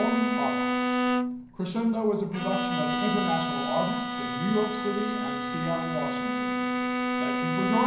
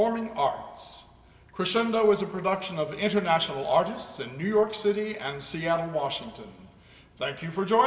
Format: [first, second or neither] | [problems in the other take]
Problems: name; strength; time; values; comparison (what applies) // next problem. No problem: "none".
second | background sound (Bowed string instrument); 1 dB above the speech // room echo; dies away in 0.6 s